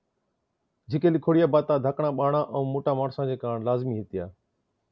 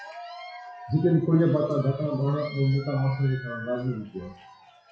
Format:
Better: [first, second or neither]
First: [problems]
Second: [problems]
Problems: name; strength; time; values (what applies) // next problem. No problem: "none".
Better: first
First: none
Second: noise reduction (classical method WPE with log-MMSE)